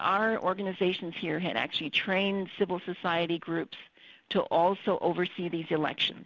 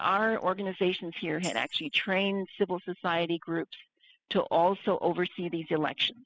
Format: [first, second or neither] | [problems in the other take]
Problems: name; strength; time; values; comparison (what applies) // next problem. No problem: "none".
first | noise reduction (classical method spectral subtraction)